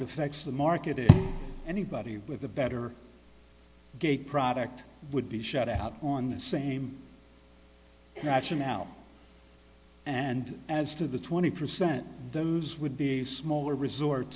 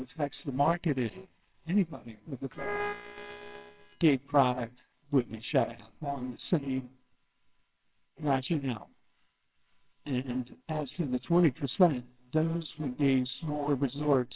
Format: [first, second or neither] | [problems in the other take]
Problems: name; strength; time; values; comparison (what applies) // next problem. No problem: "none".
first | noise reduction (neural separator model SepFormer WHAMR!)